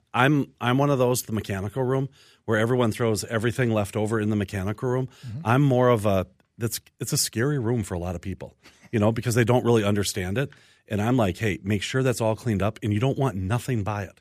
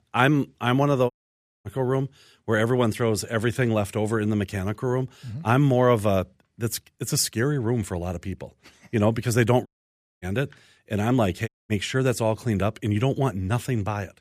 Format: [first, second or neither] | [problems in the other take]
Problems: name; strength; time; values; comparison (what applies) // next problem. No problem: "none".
first | audio cutting out; at 1 s for 0.5 s, at 9.5 s for 0.5 s and at 11 s